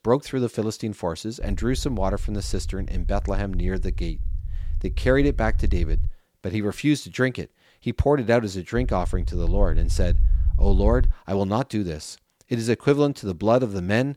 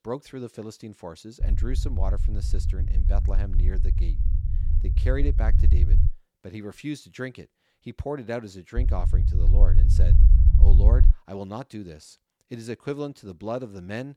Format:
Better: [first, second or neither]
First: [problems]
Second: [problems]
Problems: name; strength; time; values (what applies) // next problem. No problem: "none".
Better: first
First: low rumble; faint; from 1.5 to 6 s and from 9 to 11 s; 20 dB below the speech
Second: low rumble; loud; from 1.5 to 6 s and from 9 to 11 s; 6 dB below the speech